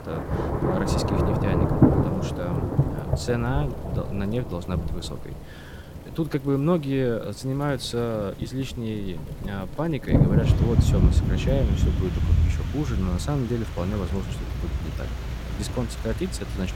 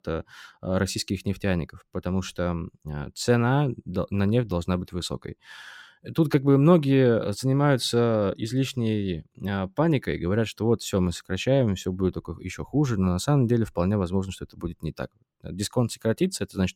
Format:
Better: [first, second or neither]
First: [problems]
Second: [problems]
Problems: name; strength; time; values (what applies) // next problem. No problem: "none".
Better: second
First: rain or running water; very loud; throughout; 4 dB above the speech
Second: none